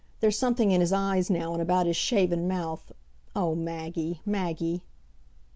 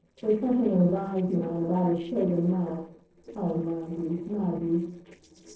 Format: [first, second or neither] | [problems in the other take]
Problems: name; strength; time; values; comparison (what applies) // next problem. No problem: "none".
first | noise reduction (neural separator model SepFormer DNS4)